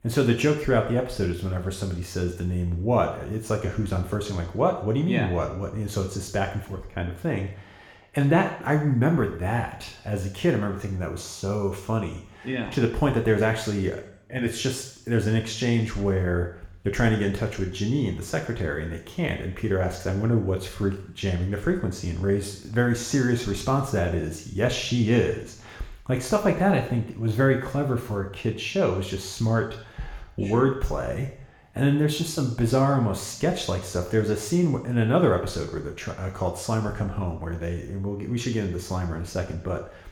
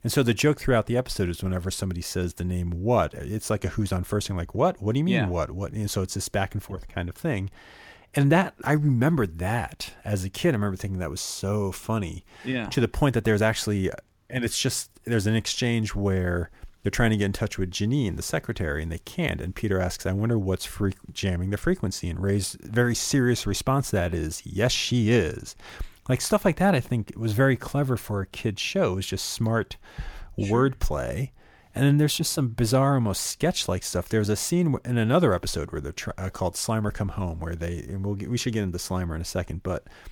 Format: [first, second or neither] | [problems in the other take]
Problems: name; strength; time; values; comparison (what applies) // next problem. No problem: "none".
second | room echo; slight; dies away in 0.7 s // off-mic speech; somewhat distant